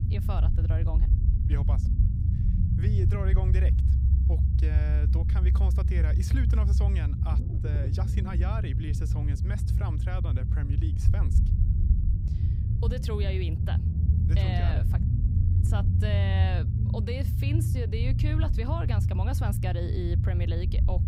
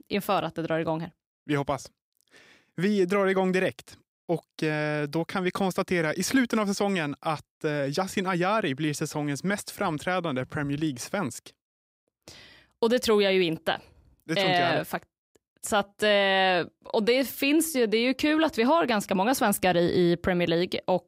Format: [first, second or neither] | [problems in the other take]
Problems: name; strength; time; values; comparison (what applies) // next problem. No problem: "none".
second | low rumble; loud; throughout; 2 dB below the speech